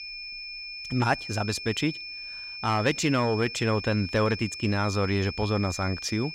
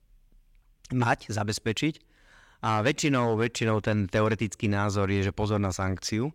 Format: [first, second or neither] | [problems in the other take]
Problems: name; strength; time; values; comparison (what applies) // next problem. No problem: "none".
second | high-pitched whine; loud; throughout; 2.5 kHz, 9 dB below the speech